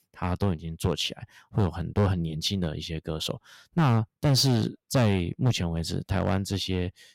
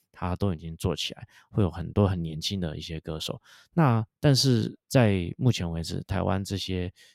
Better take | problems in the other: second | distortion; slight; 5% of the sound clipped

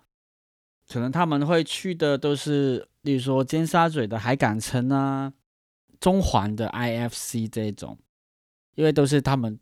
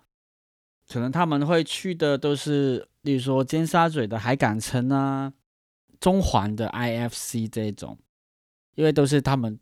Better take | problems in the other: neither | none

